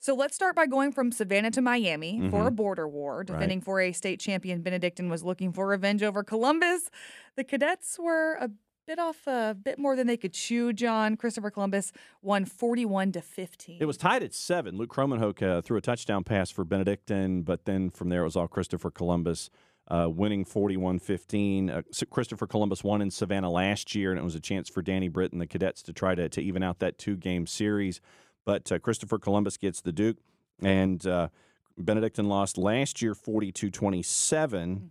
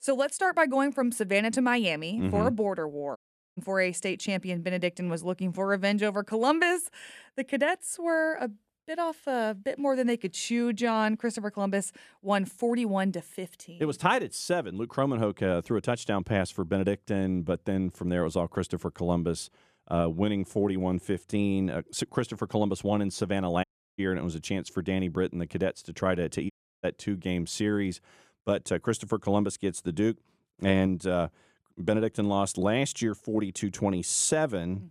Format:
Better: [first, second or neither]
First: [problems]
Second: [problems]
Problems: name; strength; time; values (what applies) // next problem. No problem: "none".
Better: first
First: none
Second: audio cutting out; at 3 s, at 24 s and at 27 s